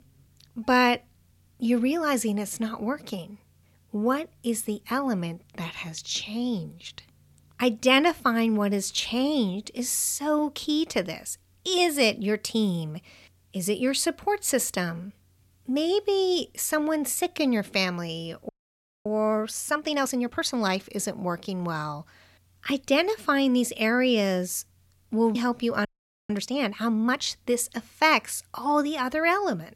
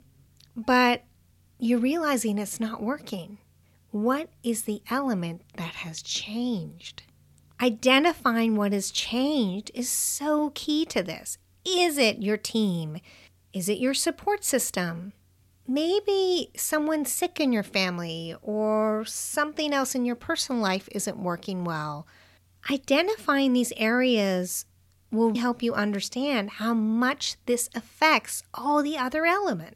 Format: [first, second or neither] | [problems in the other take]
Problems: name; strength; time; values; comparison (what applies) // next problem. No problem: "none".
second | audio freezing; at 18 s for 0.5 s and at 26 s